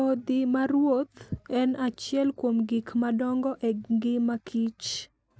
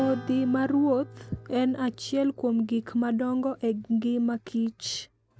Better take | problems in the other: first | background sound (Acoustic guitar / Strum); 20 dB below the speech

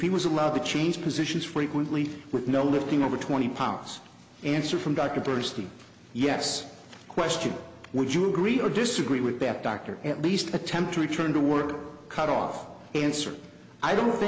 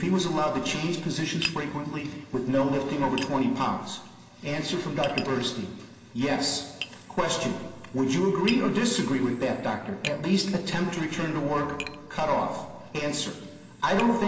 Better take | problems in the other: first | background sound (Tap); 16 dB below the speech // room echo; dies away in 1.7 s

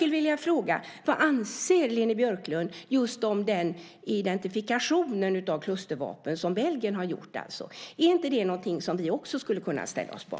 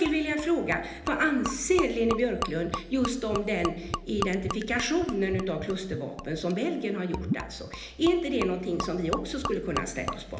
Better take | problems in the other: first | background sound (Gurgling / Liquid); 8 dB below the speech // room echo; dies away in 1 s

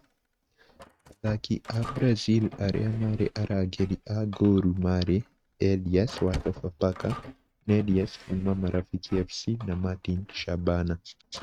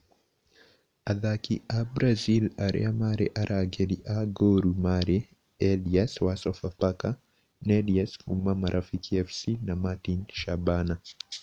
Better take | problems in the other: second | noise reduction (neural mask model RNNoise)

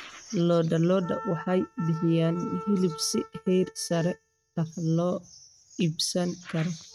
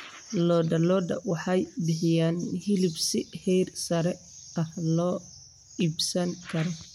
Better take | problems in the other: second | noise reduction (neural mask model RNNoise)

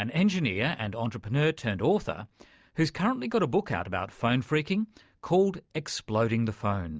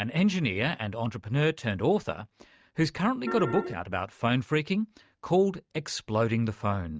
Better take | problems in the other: first | noise reduction (neural mask model RNNoise)

